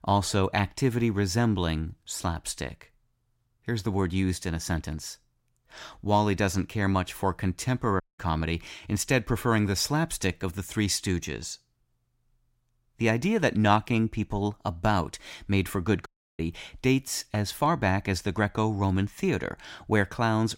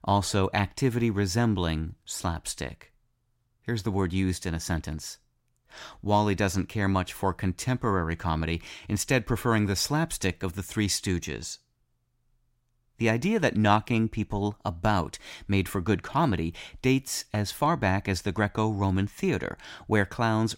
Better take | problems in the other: second | audio cutting out; at 8 s and at 16 s

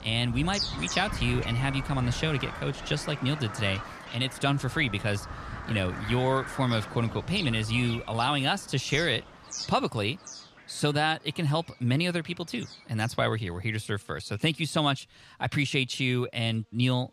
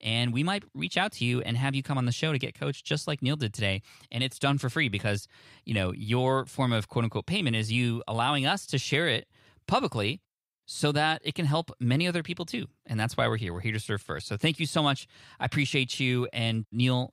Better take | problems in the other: second | animal sounds; loud; throughout; 10 dB below the speech

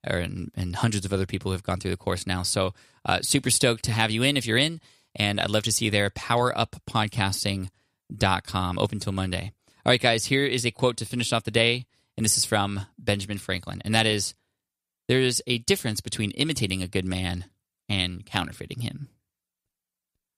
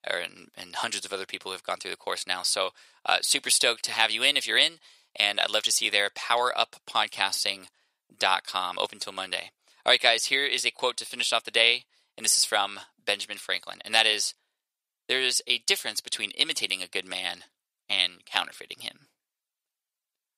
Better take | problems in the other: first | thin; very; fading below 700 Hz

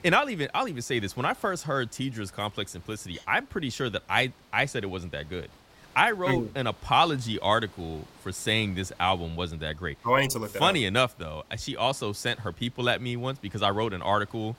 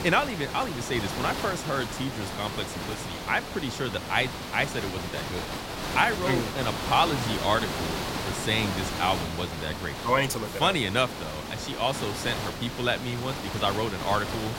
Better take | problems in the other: first | hiss; loud; throughout; 5 dB below the speech; faint in the first

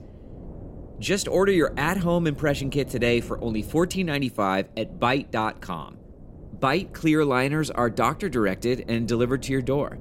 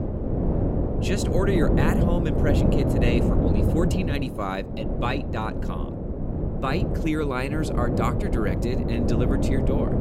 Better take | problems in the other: first | wind noise on the microphone; heavy; 1 dB below the speech; occasional gusts in the first

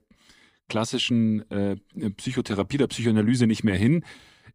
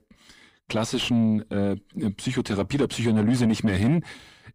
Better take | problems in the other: first | distortion; slight; 10 dB below the speech

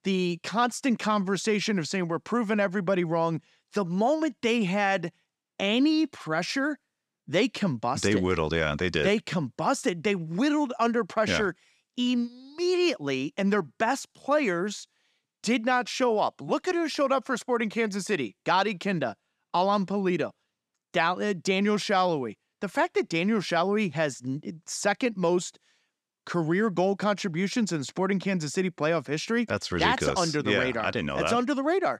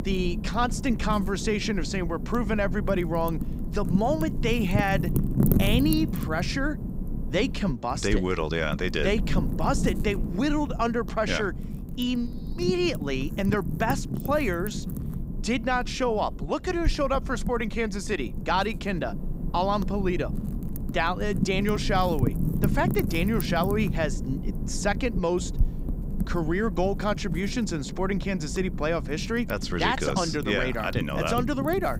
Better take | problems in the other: first | wind noise on the microphone; occasional gusts; 10 dB below the speech

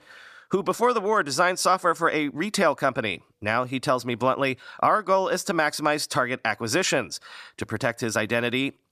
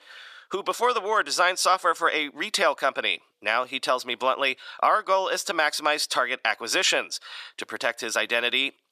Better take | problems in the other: first | thin; somewhat; fading below 500 Hz

